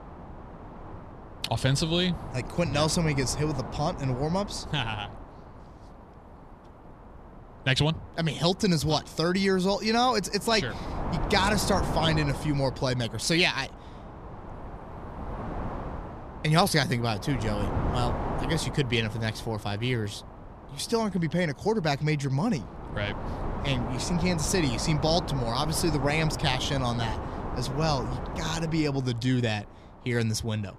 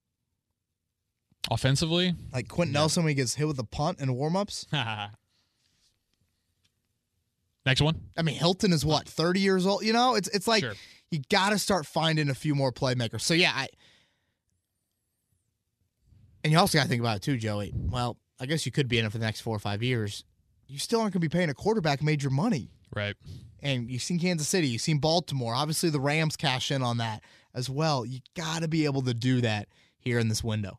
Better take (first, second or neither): second